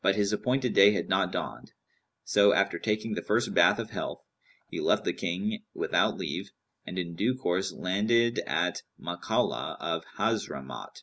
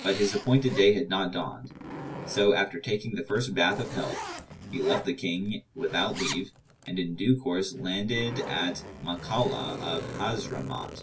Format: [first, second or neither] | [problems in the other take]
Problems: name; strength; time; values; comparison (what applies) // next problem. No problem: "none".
first | background sound (Zipper (clothing)); 12 dB below the speech // room echo; dies away in 0.1 s